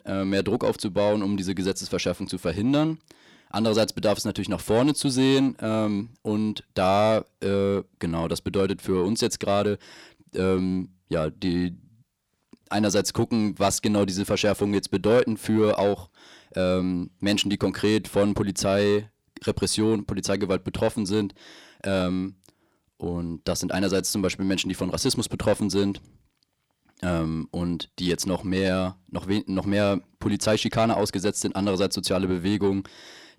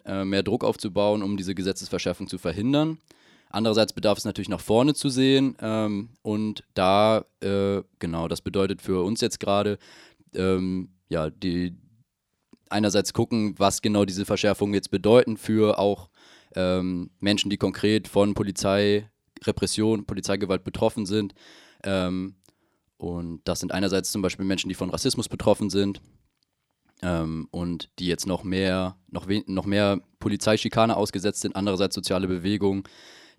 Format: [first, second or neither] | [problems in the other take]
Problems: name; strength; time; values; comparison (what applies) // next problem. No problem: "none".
second | distortion; slight; 10 dB below the speech